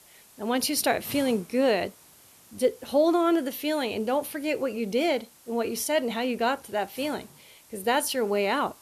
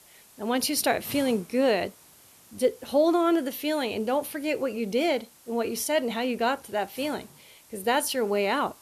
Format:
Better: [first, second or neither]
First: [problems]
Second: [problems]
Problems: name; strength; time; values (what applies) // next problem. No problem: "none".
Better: neither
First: hiss; faint; throughout; 25 dB below the speech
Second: hiss; faint; throughout; 25 dB below the speech